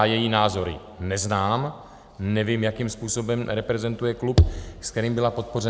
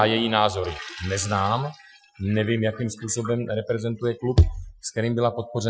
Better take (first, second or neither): first